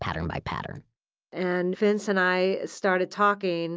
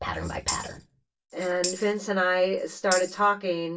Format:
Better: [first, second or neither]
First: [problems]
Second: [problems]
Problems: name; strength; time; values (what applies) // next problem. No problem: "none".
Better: first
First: none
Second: background sound (Tambourine); 10 dB below the speech // room echo; dies away in 0.2 s